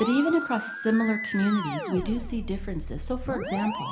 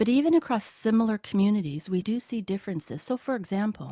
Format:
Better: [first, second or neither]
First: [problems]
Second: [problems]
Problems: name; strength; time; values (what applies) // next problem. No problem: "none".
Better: second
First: background sound (Musical instrument); 7 dB below the speech // room echo; dies away in 0.6 s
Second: none